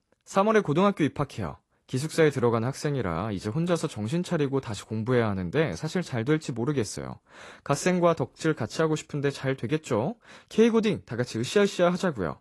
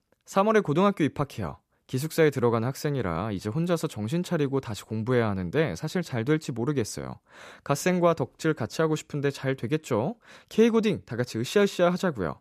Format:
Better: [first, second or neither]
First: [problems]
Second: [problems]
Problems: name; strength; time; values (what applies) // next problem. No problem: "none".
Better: second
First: garbled, watery; slightly; nothing above 11.5 kHz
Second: none